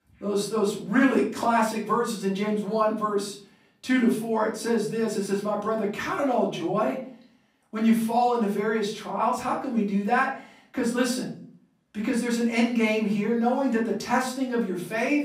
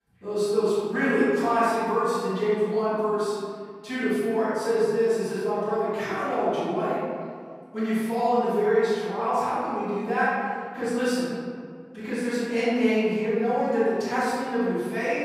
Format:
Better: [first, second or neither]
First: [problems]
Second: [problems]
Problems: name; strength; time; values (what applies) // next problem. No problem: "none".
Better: first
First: room echo; slight; dies away in 0.4 s // off-mic speech; far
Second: room echo; strong; dies away in 1.9 s // off-mic speech; far